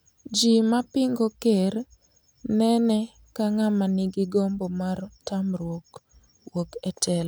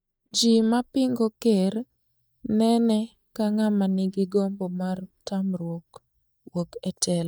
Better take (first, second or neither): first